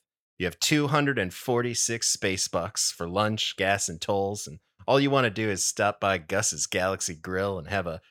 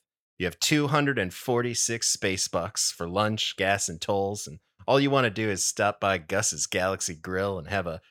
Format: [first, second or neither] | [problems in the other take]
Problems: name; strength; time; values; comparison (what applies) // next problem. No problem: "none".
neither | none